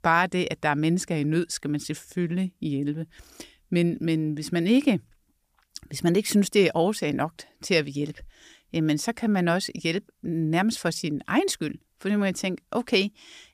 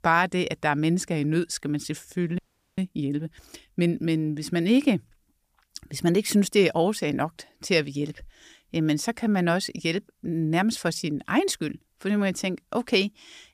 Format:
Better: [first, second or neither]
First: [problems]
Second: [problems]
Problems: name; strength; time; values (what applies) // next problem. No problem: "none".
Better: first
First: none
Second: audio freezing; at 2.5 s